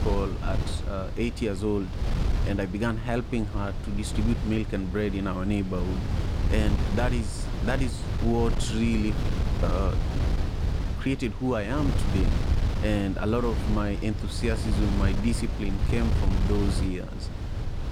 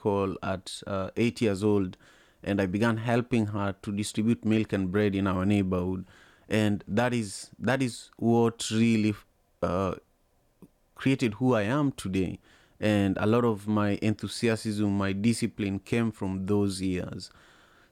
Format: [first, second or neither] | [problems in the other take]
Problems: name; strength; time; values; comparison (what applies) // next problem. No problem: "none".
second | wind noise on the microphone; heavy; 6 dB below the speech